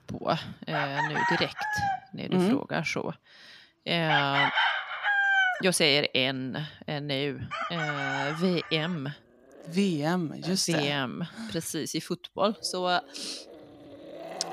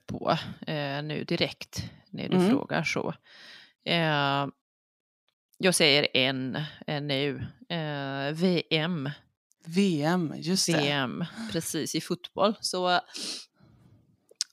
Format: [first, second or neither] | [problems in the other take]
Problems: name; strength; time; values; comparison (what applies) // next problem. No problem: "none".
second | animal sounds; very loud; throughout; 1 dB above the speech